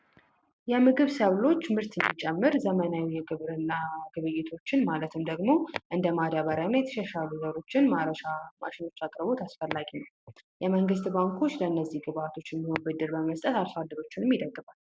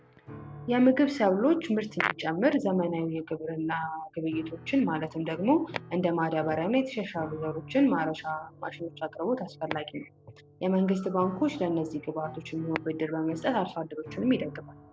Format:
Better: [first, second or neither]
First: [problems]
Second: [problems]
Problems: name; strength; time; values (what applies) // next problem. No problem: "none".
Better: first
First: none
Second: background sound (Piano); 19 dB below the speech